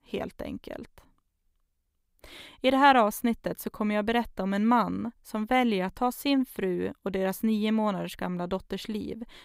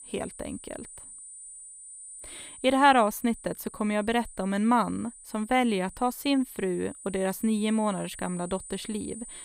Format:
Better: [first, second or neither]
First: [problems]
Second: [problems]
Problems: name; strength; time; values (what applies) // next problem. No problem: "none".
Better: first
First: none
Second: high-pitched whine; noticeable; throughout; 9 kHz, 15 dB below the speech